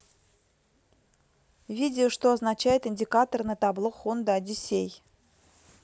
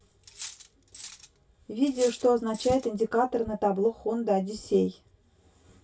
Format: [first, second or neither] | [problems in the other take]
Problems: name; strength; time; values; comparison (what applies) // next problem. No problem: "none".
first | background sound (Cutlery, silverware); 17 dB below the speech // room echo; dies away in 0.1 s